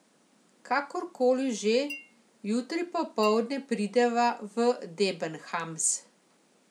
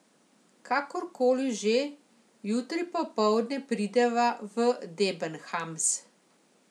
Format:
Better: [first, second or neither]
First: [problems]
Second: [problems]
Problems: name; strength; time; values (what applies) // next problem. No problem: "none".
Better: second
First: background sound (Chink, clink); 18 dB below the speech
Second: none